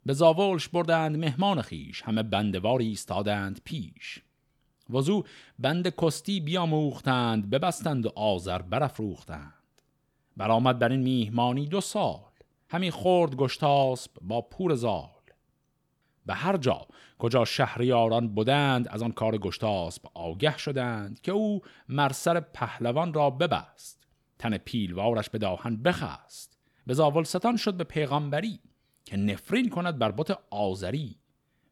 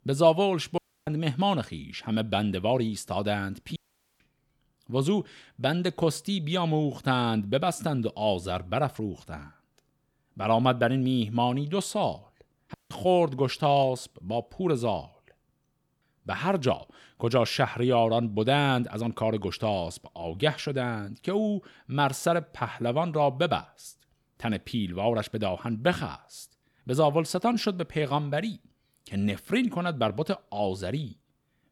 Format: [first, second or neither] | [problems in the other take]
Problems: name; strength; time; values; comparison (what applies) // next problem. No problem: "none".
first | audio cutting out; at 1 s, at 4 s and at 13 s